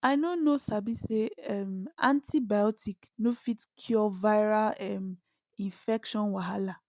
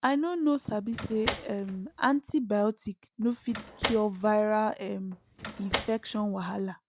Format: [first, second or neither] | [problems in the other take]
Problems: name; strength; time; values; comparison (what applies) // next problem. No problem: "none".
first | background sound (Slam); 9 dB below the speech